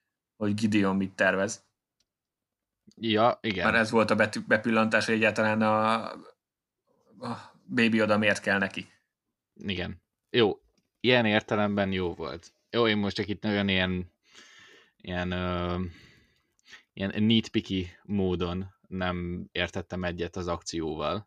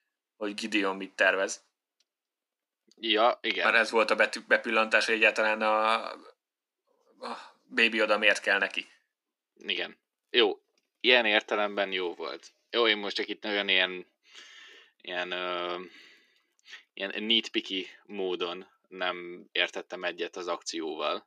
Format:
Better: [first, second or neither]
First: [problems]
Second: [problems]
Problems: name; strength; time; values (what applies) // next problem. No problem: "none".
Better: first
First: none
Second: thin; somewhat; fading below 300 Hz